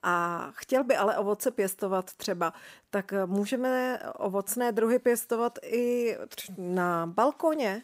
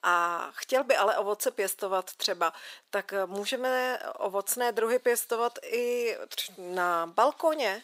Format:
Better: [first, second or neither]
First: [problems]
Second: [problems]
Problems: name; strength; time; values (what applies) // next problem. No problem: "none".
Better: first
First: none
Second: thin; somewhat; fading below 500 Hz